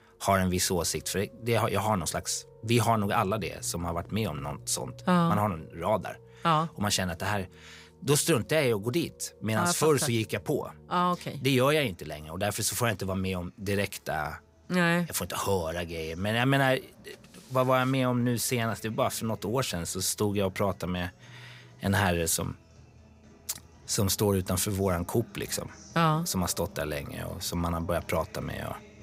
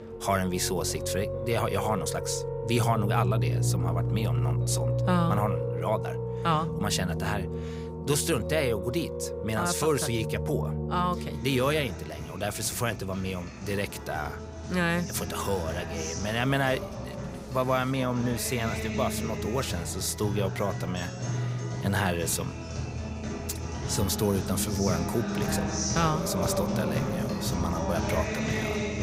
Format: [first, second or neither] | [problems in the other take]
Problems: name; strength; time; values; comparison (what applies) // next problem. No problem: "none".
first | background music; loud; throughout; 2 dB below the speech; faint in the first